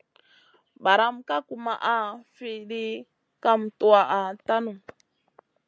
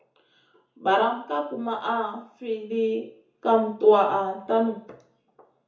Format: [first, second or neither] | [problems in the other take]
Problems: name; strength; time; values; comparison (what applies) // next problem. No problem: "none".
first | room echo; dies away in 0.6 s